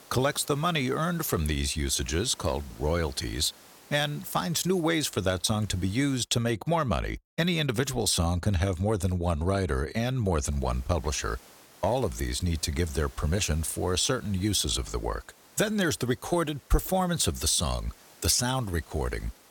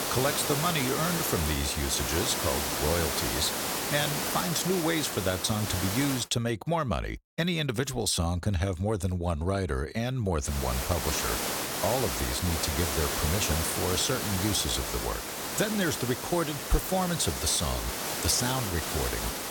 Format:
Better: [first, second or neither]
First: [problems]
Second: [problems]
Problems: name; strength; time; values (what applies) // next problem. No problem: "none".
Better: first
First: hiss; faint; until 6 s and from 10 s on; 25 dB below the speech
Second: hiss; loud; until 6 s and from 10 s on; 1 dB below the speech